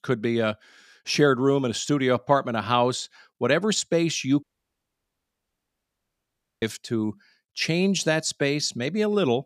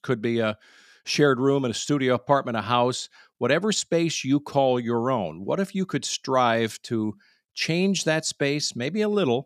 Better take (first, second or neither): second